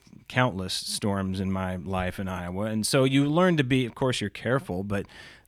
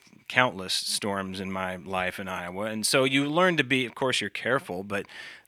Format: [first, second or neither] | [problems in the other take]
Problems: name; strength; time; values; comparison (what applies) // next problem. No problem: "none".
first | thin; very slightly; fading below 850 Hz